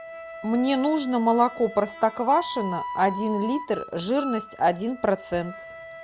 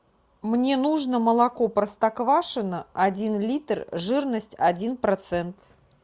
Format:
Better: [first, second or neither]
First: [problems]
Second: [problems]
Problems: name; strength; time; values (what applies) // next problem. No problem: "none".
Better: second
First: background sound (Wind instrument, woodwind instrument); 12 dB below the speech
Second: none